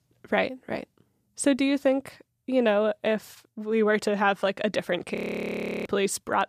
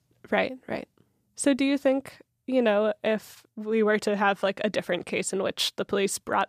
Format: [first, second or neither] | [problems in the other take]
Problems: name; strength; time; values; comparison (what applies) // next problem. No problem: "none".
second | audio freezing; at 5 s for 0.5 s